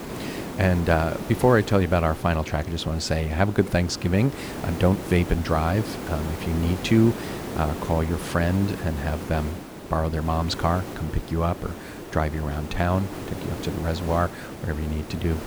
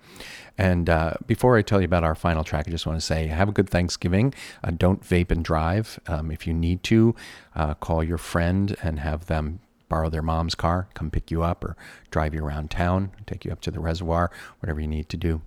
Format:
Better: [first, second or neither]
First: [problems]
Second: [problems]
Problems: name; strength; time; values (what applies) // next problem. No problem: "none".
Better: second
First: hiss; loud; throughout; 10 dB below the speech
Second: none